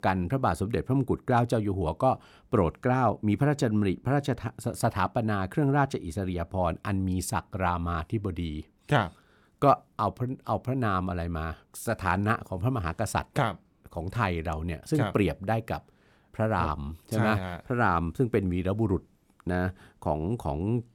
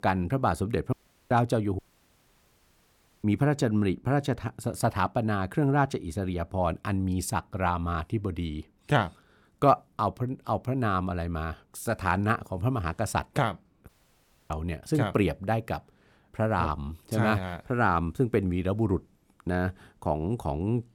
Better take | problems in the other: first | audio cutting out; at 1 s, at 2 s for 1.5 s and at 14 s for 0.5 s

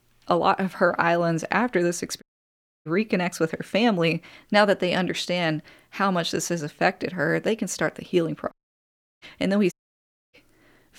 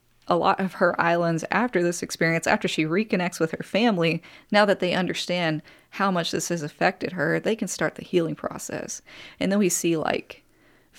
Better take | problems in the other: second | audio cutting out; at 2 s for 0.5 s, at 8.5 s for 0.5 s and at 9.5 s for 0.5 s

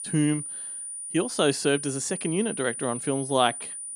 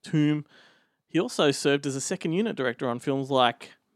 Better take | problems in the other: second | high-pitched whine; loud; throughout; 9.5 kHz, 7 dB below the speech

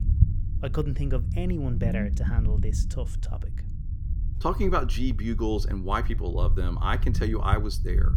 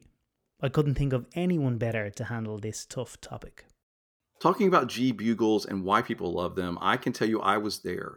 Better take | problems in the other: second | low rumble; noticeable; throughout; 15 dB below the speech

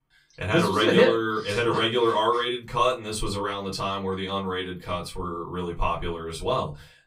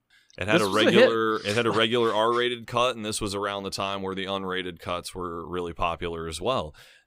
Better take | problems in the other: second | off-mic speech; far // room echo; very slight; dies away in 0.2 s

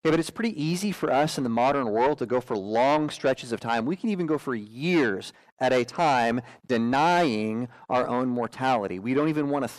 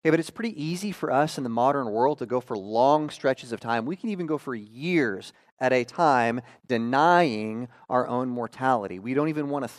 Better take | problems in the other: second | distortion; heavy; 8 dB below the speech

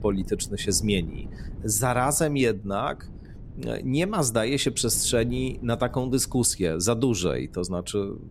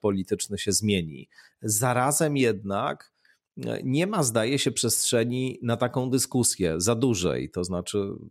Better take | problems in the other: second | wind noise on the microphone; occasional gusts; 25 dB below the speech

